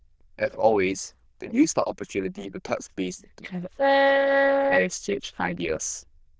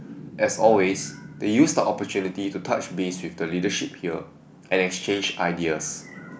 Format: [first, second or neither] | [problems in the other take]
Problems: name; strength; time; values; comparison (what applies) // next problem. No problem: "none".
second | noise reduction (neural diffusion model UNIVERSE++)